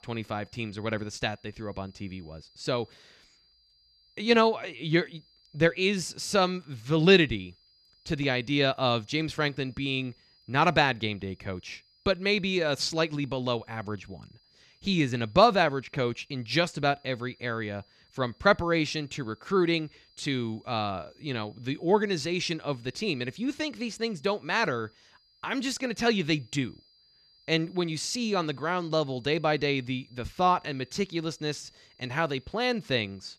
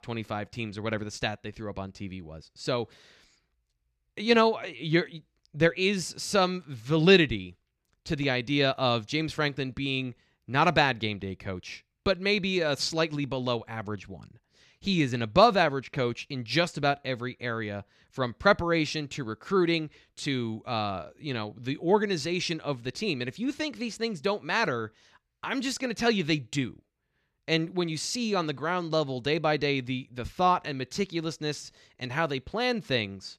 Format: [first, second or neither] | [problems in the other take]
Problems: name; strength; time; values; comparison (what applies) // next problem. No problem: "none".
second | high-pitched whine; faint; throughout; 5 kHz, 30 dB below the speech